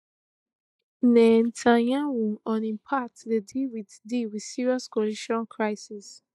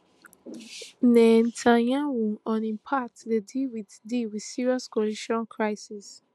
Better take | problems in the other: second | noise reduction (neural mask model DeepFilterNet 3)

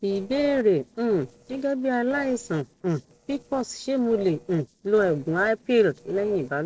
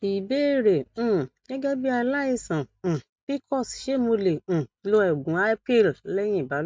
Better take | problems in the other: second | noise reduction (neural separator model SepFormer DNS4)

